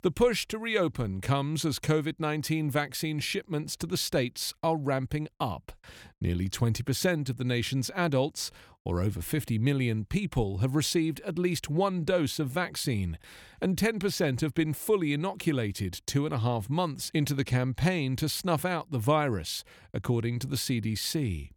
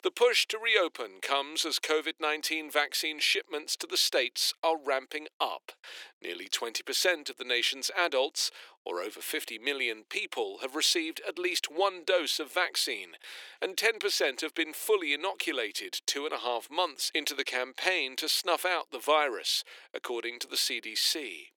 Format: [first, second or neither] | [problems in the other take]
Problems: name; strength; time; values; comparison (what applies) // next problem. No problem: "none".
first | thin; very; fading below 350 Hz